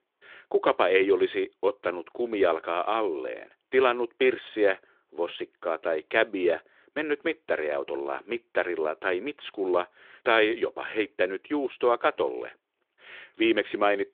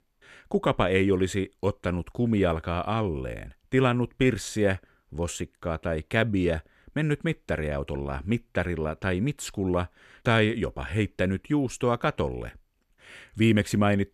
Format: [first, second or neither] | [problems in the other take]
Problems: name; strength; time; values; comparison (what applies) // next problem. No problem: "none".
second | phone-call audio; nothing above 3.5 kHz